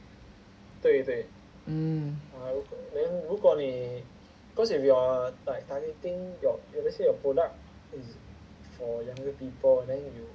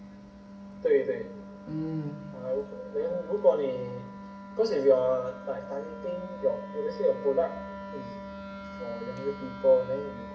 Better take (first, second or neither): first